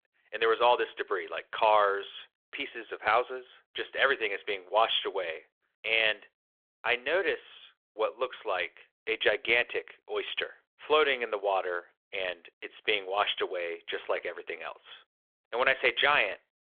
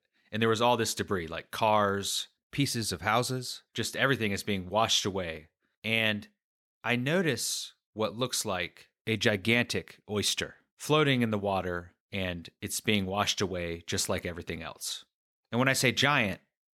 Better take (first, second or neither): second